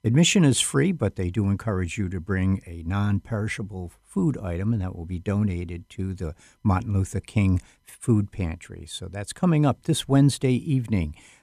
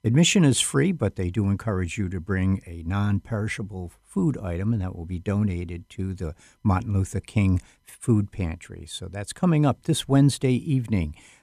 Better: neither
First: none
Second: none

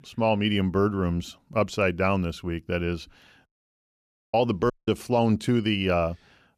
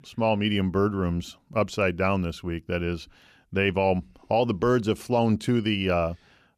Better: second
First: audio cutting out; at 3.5 s for 1 s and at 4.5 s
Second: none

